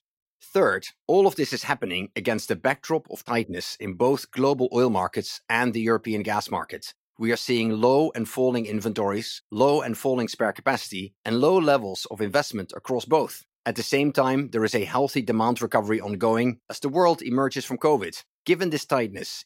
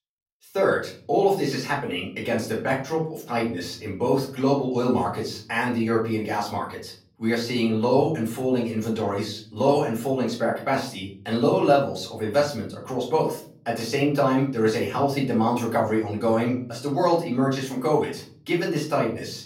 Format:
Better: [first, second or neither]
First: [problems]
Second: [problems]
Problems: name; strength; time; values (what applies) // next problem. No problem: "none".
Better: first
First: none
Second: off-mic speech; far // room echo; slight; dies away in 0.5 s